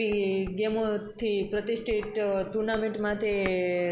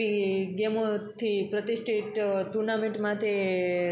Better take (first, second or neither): second